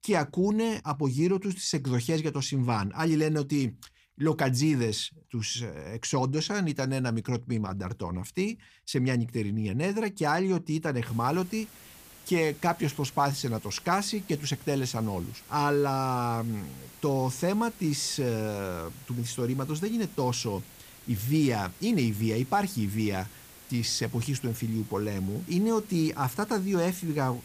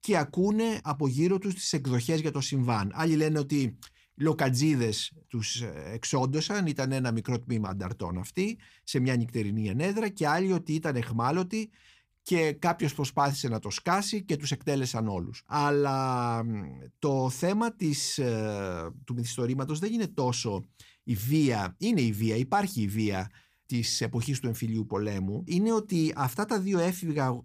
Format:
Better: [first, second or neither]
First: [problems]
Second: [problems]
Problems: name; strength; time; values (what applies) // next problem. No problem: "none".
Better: second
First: hiss; noticeable; from 11 s on; 20 dB below the speech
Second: none